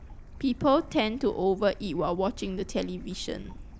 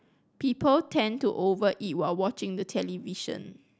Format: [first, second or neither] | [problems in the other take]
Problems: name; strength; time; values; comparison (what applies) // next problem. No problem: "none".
second | background sound (Stream / Bird); 15 dB below the speech